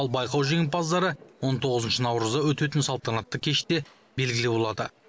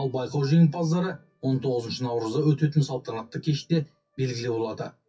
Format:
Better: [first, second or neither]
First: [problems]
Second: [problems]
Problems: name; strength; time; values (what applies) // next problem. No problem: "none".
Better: first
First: none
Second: noise reduction (classical method WPE with log-MMSE)